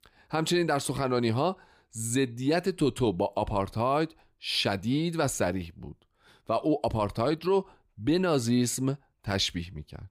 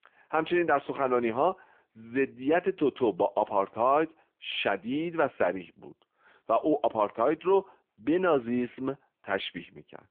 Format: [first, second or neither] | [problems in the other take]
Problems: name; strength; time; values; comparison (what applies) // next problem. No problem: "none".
first | phone-call audio; poor line; nothing above 3.5 kHz